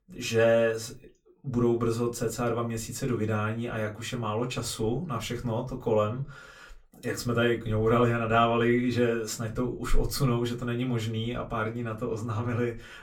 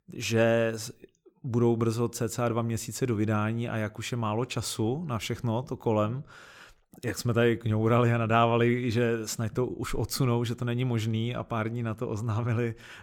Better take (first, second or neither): second